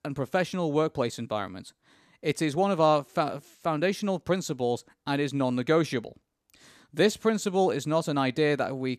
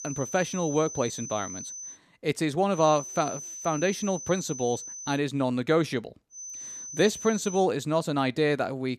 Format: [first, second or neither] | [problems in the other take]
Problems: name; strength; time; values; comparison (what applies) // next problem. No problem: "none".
first | high-pitched whine; loud; until 2 s, from 3 to 5 s and from 6.5 to 7.5 s; 6 kHz, 10 dB below the speech